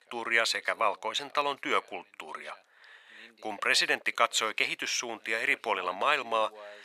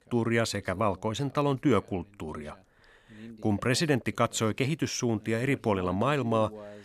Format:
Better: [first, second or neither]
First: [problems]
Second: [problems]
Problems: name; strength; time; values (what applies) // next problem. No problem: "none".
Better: second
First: thin; very; fading below 750 Hz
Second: none